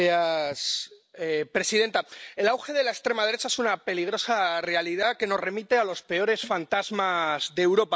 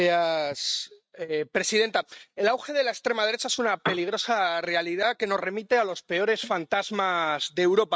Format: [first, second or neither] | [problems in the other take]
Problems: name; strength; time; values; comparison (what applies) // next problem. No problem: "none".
first | noise reduction (neural mask model RNNoise)